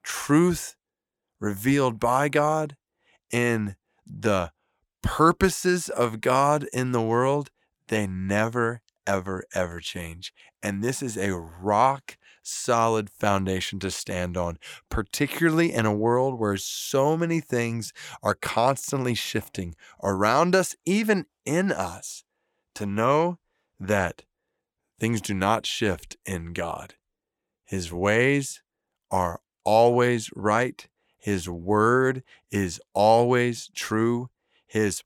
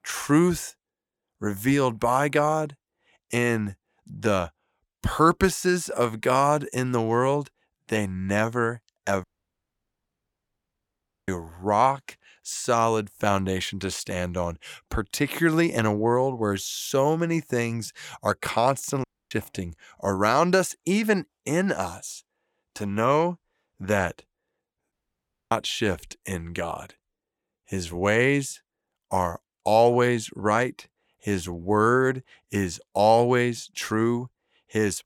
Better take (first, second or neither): first